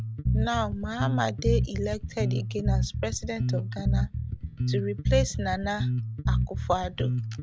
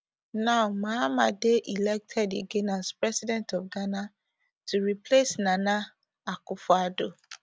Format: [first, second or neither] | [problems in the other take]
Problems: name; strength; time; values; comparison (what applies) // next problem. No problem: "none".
second | background sound (Bass guitar); 4 dB above the speech